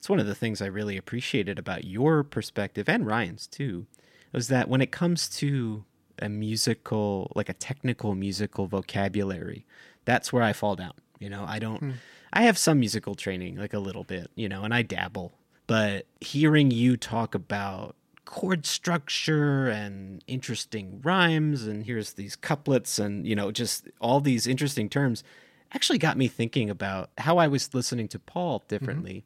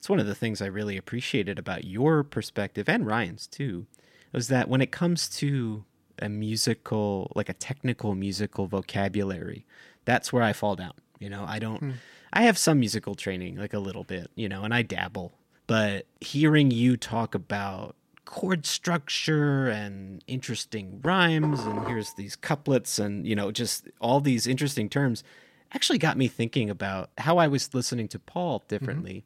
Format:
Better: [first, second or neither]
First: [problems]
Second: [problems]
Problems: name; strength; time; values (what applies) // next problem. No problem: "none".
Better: first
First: none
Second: clattering dishes; noticeable; from 21 to 22 s; peak 6 dB below the speech